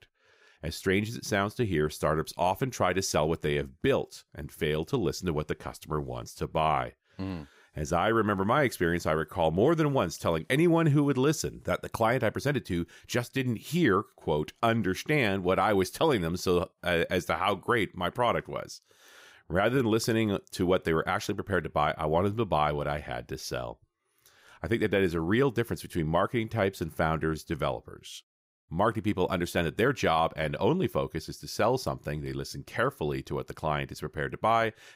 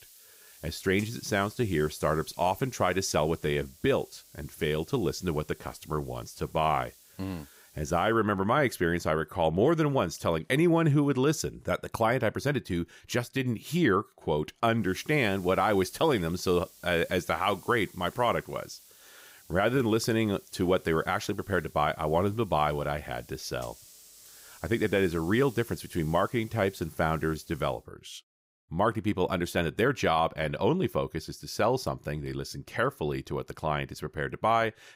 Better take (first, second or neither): first